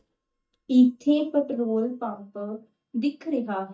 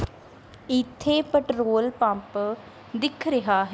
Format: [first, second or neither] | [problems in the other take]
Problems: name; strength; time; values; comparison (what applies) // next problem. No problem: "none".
second | noise reduction (neural mask model DeepFilterNet 3)